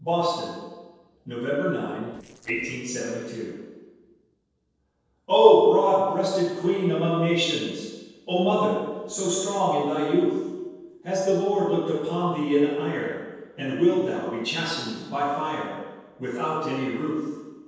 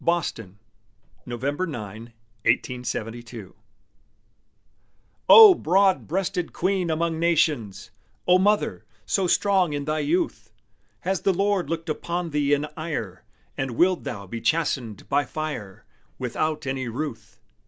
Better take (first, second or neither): second